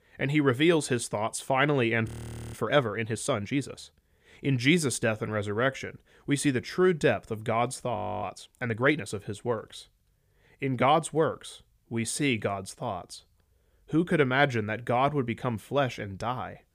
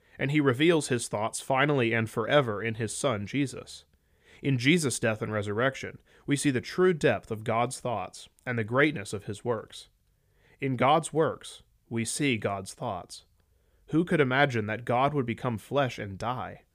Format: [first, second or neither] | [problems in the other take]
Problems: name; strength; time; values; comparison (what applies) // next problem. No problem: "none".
second | audio freezing; at 2 s and at 8 s